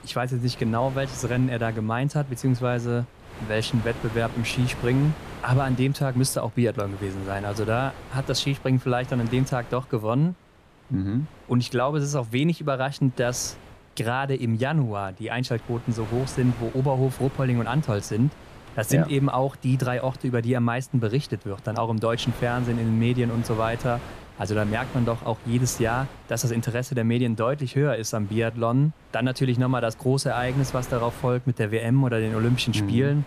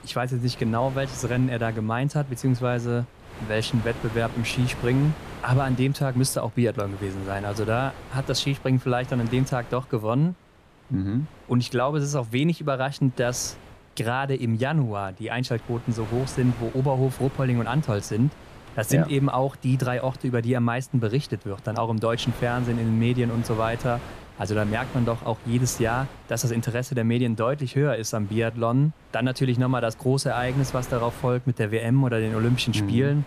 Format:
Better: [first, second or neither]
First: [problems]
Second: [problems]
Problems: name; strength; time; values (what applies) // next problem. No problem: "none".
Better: neither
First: wind noise on the microphone; occasional gusts; 15 dB below the speech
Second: wind noise on the microphone; occasional gusts; 15 dB below the speech